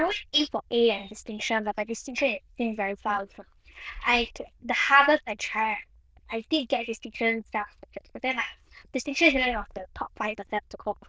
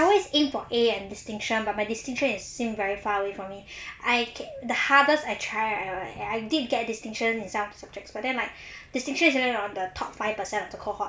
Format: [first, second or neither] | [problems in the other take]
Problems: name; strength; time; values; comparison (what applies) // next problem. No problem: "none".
second | noise reduction (neural diffusion model UNIVERSE++)